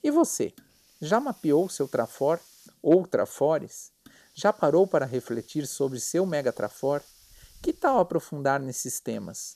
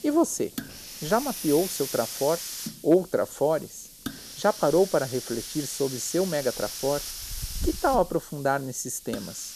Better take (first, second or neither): first